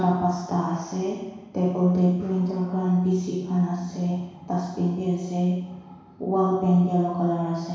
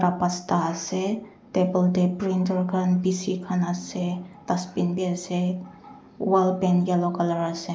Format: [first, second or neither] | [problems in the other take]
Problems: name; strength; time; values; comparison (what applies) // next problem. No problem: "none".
second | room echo; dies away in 1.1 s